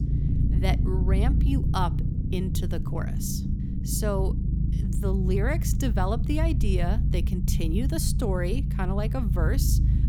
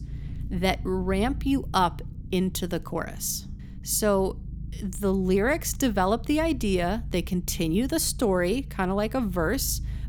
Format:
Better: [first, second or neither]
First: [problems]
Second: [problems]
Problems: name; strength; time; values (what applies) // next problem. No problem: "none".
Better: second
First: low rumble; loud; throughout; 7 dB below the speech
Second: low rumble; faint; throughout; 25 dB below the speech